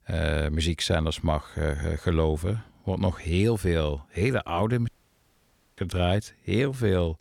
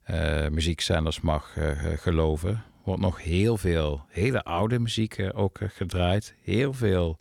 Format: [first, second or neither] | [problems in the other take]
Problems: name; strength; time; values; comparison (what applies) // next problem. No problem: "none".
second | audio cutting out; at 5 s for 1 s